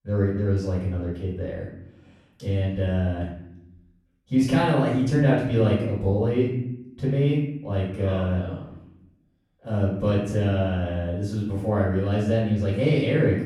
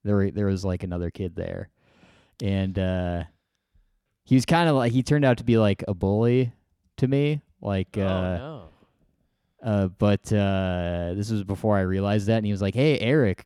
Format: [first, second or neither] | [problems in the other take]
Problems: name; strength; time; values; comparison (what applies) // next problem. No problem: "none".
second | off-mic speech; far // room echo; noticeable; dies away in 0.7 s